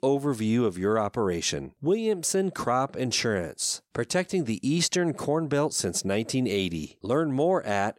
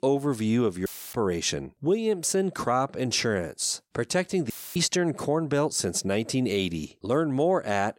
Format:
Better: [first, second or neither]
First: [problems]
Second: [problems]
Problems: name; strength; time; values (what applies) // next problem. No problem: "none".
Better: first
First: none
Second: audio cutting out; filled with static; at 1 s and at 4.5 s